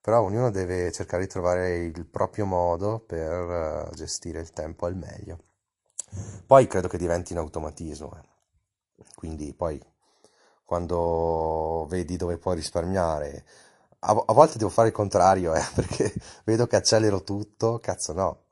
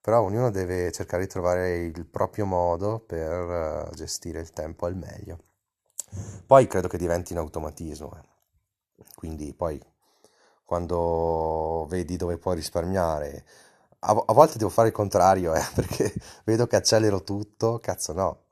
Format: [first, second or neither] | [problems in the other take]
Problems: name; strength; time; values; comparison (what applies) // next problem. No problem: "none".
second | garbled, watery; slightly; nothing above 11 kHz